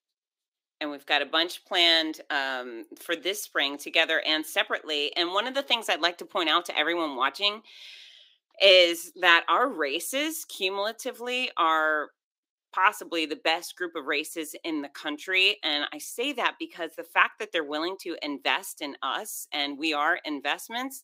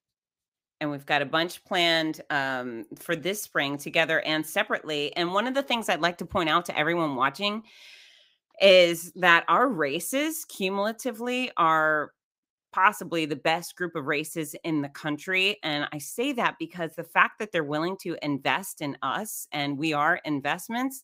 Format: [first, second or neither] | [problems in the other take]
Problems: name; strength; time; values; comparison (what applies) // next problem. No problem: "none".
second | thin; very slightly; fading below 300 Hz